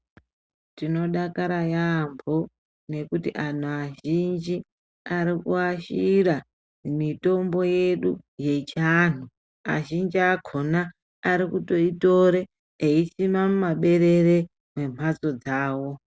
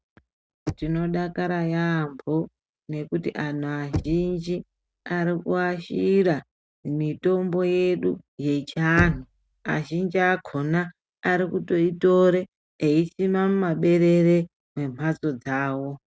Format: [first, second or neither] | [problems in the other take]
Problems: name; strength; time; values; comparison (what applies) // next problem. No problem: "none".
first | noise reduction (neural mask model RNNoise)